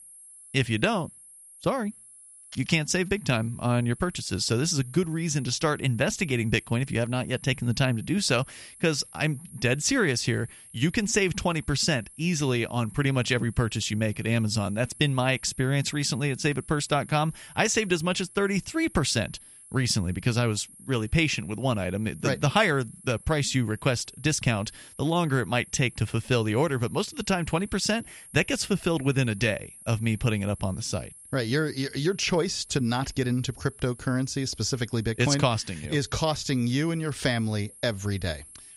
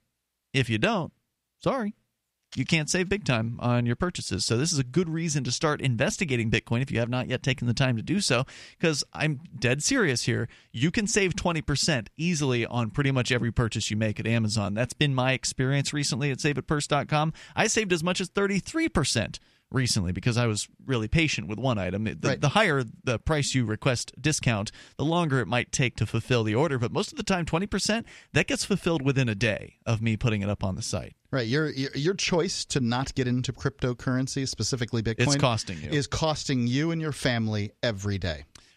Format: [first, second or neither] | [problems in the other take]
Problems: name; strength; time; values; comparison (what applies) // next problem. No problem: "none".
second | high-pitched whine; noticeable; throughout; 11 kHz, 20 dB below the speech